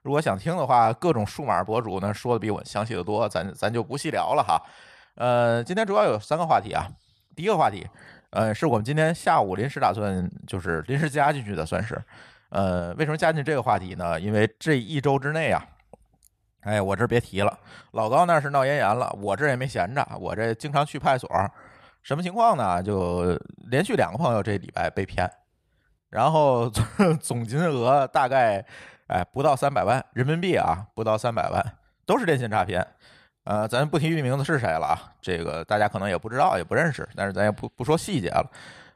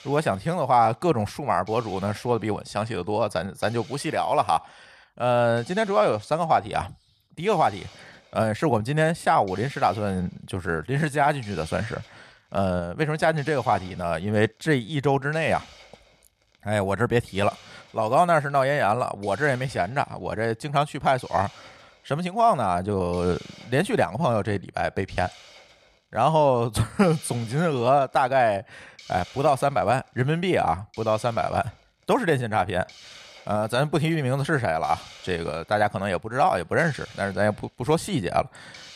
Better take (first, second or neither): first